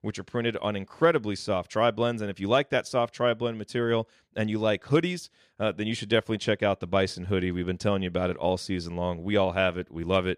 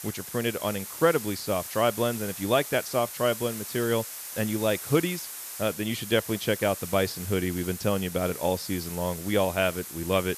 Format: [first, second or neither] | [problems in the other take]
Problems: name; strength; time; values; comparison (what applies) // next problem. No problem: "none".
first | hiss; loud; throughout; 9 dB below the speech